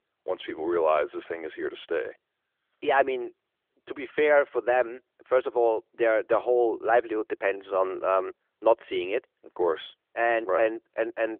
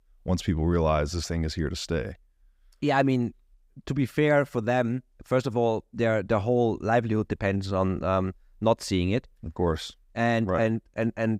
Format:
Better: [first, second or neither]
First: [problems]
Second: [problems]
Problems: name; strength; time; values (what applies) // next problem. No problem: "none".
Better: second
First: phone-call audio; nothing above 3.5 kHz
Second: none